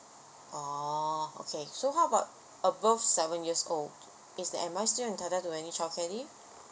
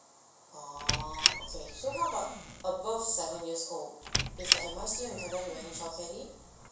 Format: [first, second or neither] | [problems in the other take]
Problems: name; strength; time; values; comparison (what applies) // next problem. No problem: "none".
first | background sound (Squeak); 2 dB above the speech // room echo; dies away in 0.7 s